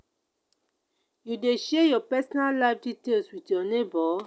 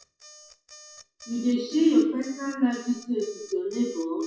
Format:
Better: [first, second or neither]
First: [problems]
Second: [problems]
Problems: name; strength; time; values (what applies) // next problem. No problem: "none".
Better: first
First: none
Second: noise reduction (classical method WPE with log-MMSE)